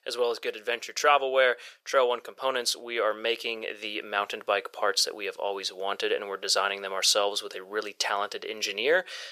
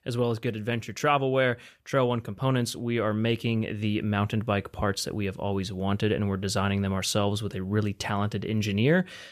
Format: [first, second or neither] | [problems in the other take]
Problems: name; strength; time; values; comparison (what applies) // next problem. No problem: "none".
second | thin; very; fading below 500 Hz